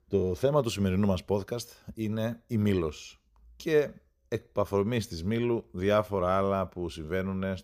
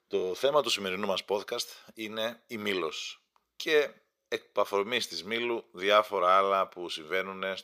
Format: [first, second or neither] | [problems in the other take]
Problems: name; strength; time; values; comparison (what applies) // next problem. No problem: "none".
first | thin; very; fading below 450 Hz